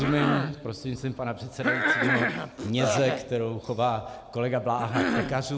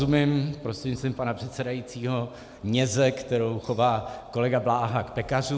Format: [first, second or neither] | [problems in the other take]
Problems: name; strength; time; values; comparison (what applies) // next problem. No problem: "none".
second | background sound (Cough); 2 dB below the speech